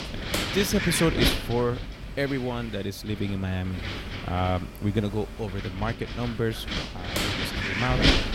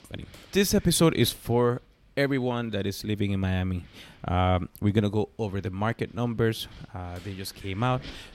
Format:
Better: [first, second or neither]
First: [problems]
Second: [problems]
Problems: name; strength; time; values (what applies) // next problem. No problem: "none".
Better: second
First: wind noise on the microphone; heavy; 2 dB above the speech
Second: wind noise on the microphone; occasional gusts; 20 dB below the speech